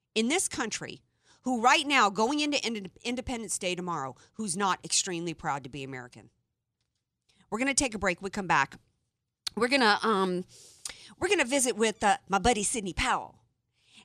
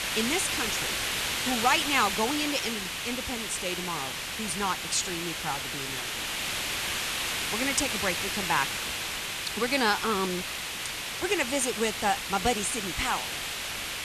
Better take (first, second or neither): first